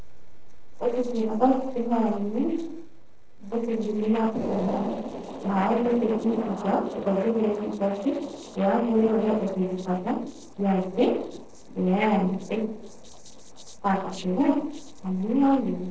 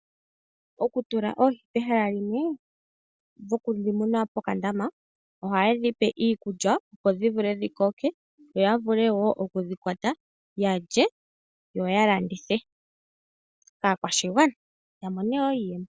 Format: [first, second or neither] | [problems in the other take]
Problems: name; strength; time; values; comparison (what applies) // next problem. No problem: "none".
second | noise reduction (neural separator model SepFormer DNS4)